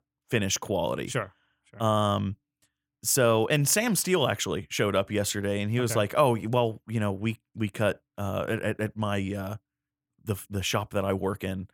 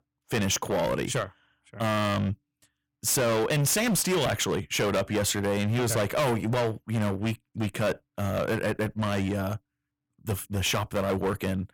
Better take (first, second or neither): first